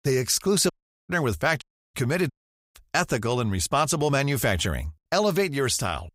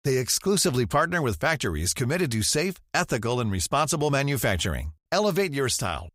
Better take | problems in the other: second | audio cutting out; at 0.5 s, at 1.5 s and at 2.5 s

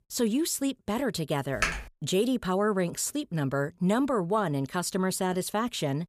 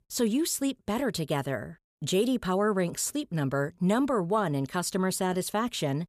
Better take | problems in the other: second | keyboard typing; noticeable; at 1.5 s; peak 1 dB below the speech

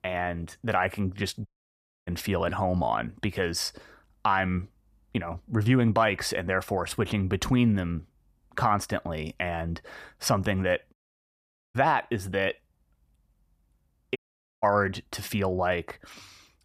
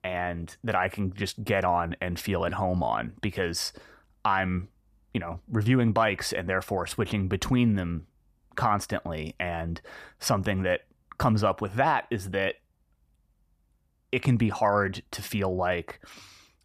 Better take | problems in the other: second | audio cutting out; at 1.5 s for 0.5 s, at 11 s for 1 s and at 14 s

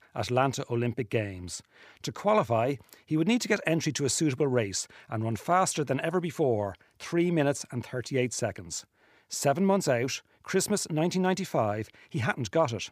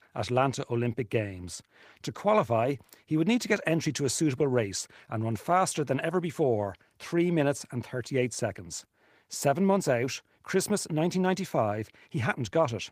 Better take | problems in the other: first | garbled, watery; slightly; nothing above 15 kHz

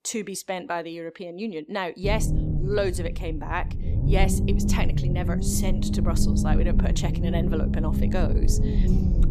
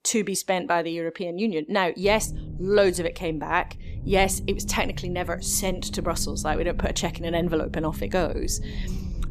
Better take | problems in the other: second | low rumble; loud; from 2 s on; 5 dB below the speech; faint in the second

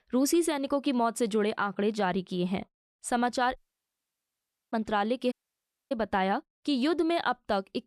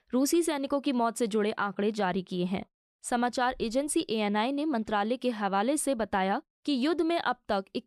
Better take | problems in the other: second | audio cutting out; at 3.5 s for 1 s and at 5.5 s for 0.5 s

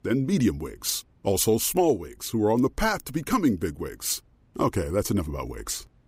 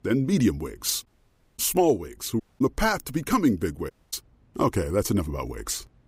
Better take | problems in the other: first | audio cutting out; at 1 s for 0.5 s, at 2.5 s and at 4 s

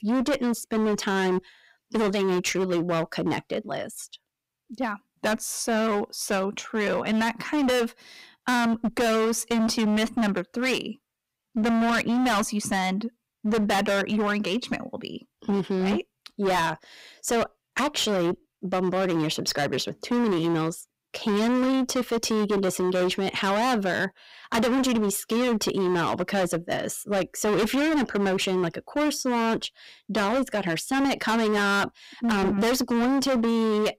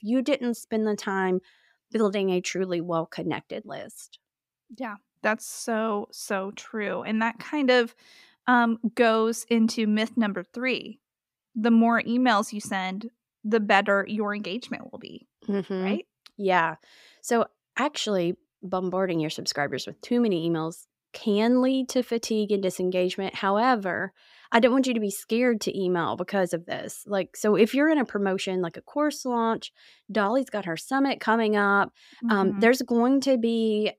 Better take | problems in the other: second | distortion; heavy; 25% of the sound clipped

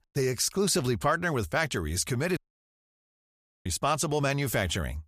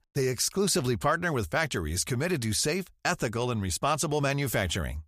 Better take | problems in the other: second | audio cutting out; at 2.5 s for 1.5 s

